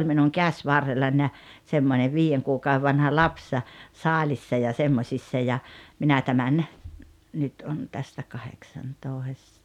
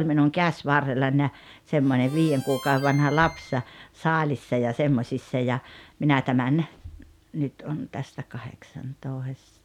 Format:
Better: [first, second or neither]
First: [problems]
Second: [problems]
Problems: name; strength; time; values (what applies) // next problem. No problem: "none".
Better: first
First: none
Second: background sound (Harmonica); 17 dB below the speech